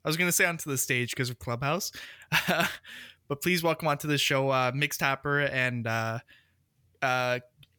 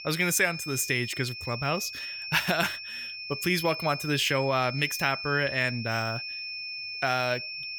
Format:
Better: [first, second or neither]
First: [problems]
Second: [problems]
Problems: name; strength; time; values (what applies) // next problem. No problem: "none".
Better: first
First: none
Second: high-pitched whine; loud; throughout; 2.5 kHz, 7 dB below the speech